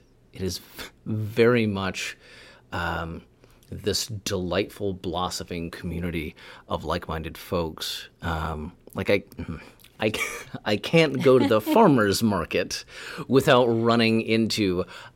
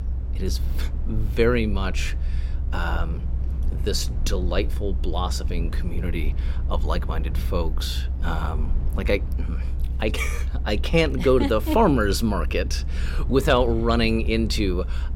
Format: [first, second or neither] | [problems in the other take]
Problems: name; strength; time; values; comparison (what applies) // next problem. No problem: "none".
first | low rumble; noticeable; throughout; 20 dB below the speech